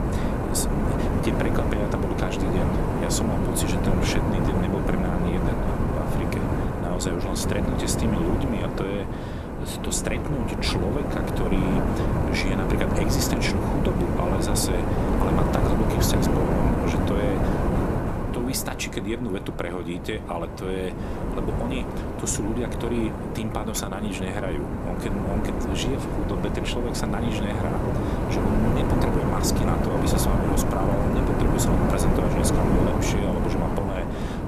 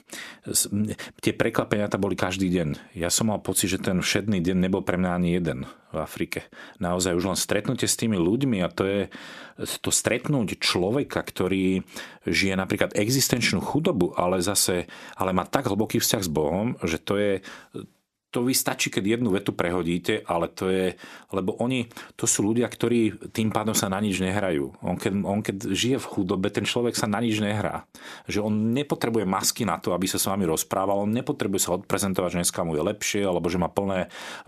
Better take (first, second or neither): second